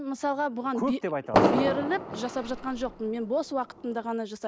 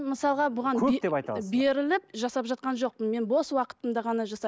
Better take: second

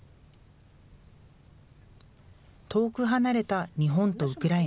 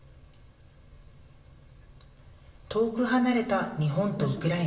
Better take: first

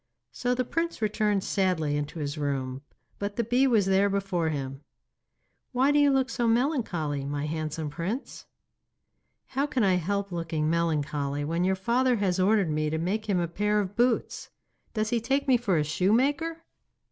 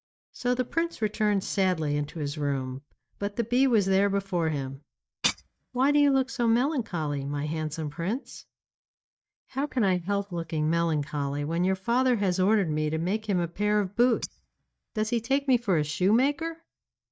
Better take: first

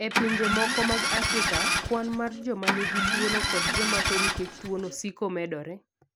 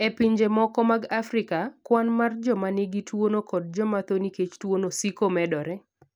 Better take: second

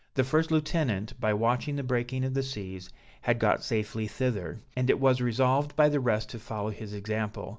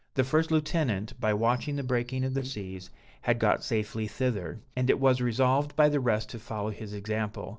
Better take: first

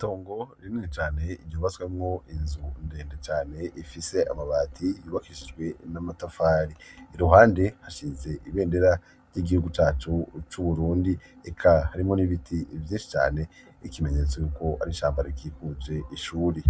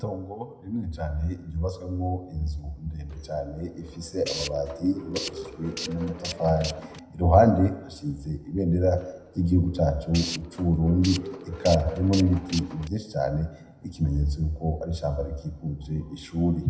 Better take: first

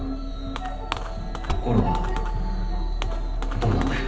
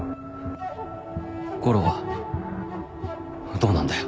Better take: second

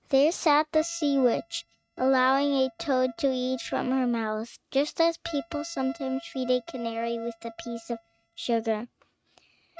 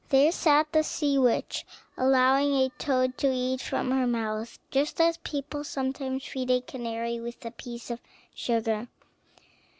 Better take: second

